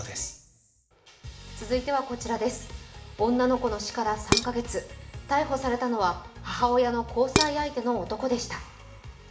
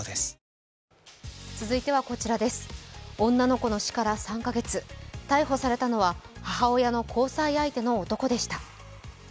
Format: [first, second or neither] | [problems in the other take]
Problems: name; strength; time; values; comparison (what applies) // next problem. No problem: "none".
second | background sound (Dishes, pots, and pans); 1 dB below the speech // room echo; dies away in 0.9 s